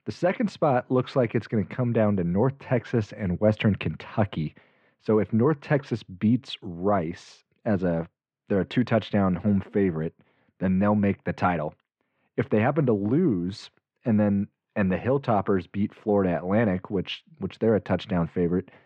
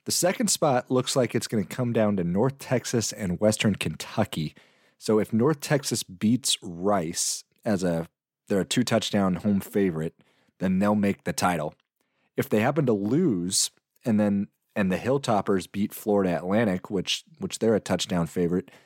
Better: second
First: muffled; very; fading above 2.5 kHz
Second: none

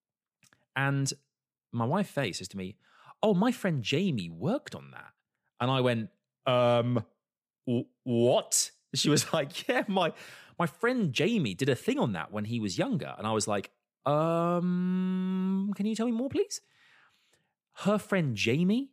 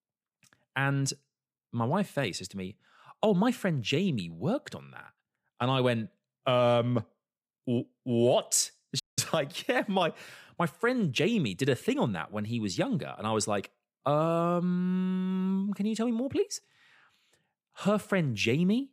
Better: first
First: none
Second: audio cutting out; at 9 s

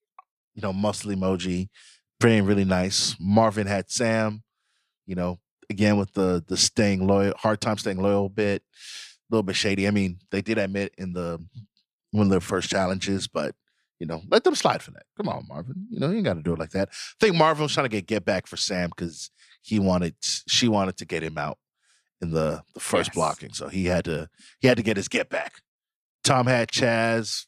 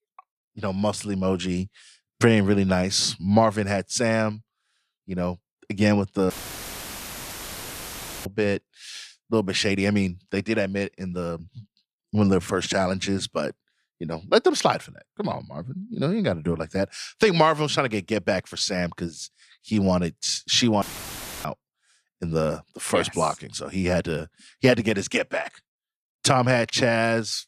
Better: first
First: none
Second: audio cutting out; filled with static; at 6.5 s for 2 s and at 21 s for 0.5 s

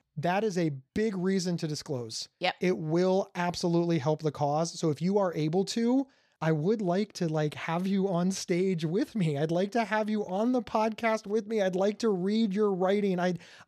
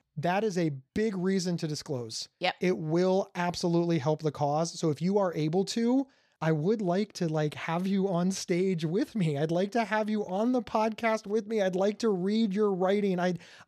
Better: neither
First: none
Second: none

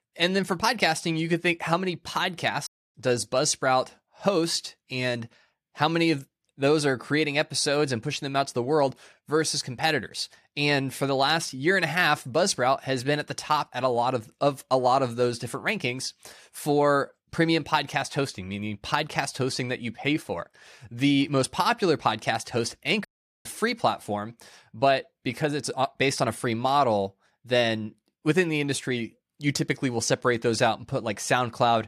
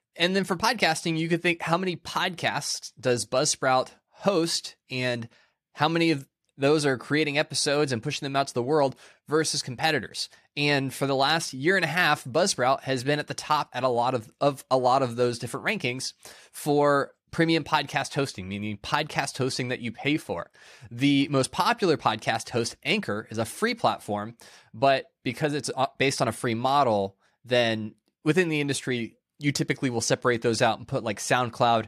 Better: second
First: audio cutting out; at 2.5 s and at 23 s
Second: none

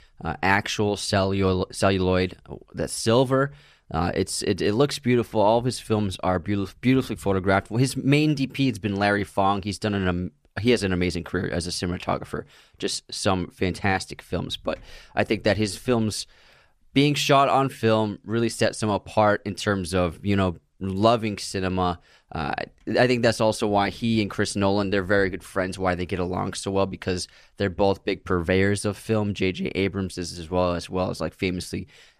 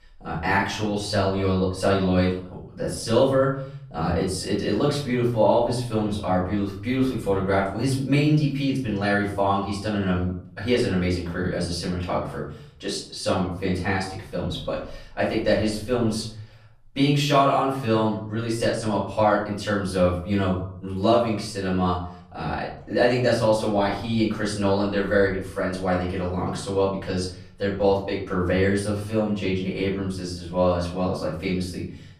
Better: first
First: none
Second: off-mic speech; far // room echo; noticeable; dies away in 0.6 s

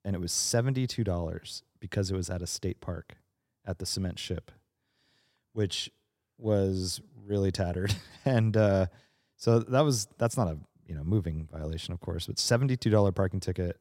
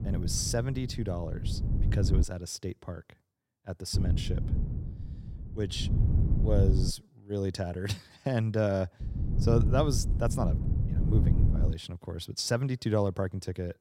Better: first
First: none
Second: wind noise on the microphone; heavy; until 2 s, from 4 to 7 s and from 9 to 12 s; 8 dB below the speech

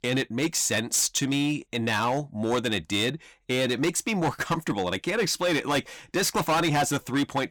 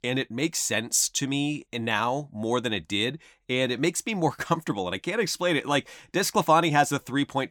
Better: second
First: distortion; heavy; 11% of the sound clipped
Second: none

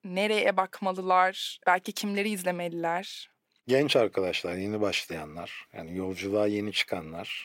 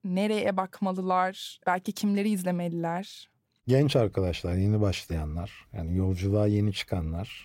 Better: second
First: thin; somewhat; fading below 300 Hz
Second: none

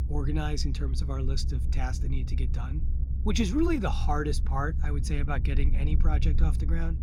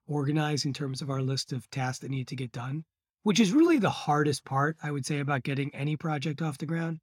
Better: second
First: low rumble; noticeable; throughout; 10 dB below the speech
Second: none

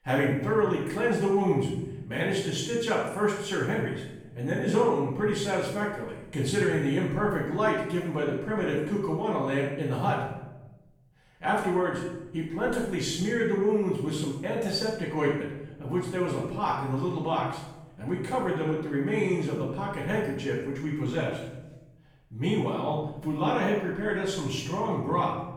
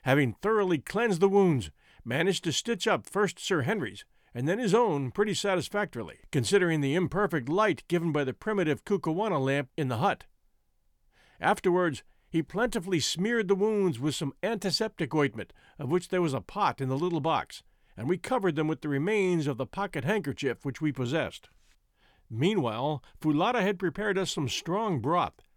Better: second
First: off-mic speech; far // room echo; noticeable; dies away in 0.9 s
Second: none

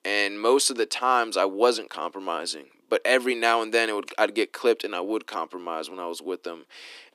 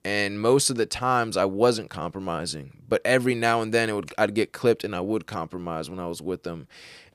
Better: second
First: thin; somewhat; fading below 250 Hz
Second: none

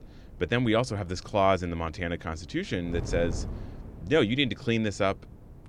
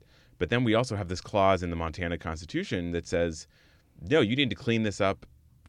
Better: second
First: wind noise on the microphone; occasional gusts; 20 dB below the speech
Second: none

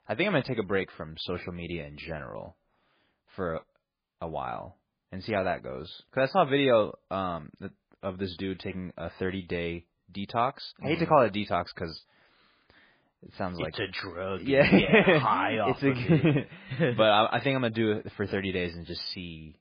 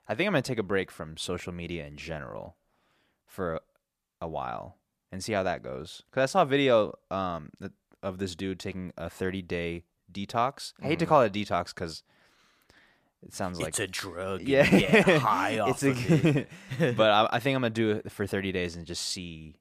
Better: second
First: garbled, watery; badly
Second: none

